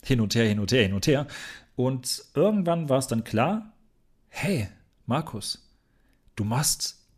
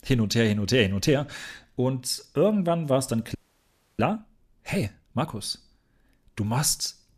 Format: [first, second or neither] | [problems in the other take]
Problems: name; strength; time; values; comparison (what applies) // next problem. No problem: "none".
first | audio freezing; at 3.5 s for 0.5 s